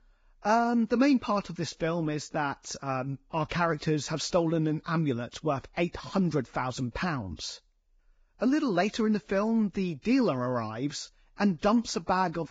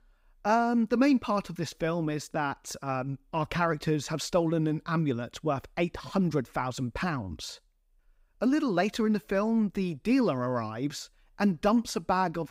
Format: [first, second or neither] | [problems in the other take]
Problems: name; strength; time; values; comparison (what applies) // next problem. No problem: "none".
second | garbled, watery; badly; nothing above 7.5 kHz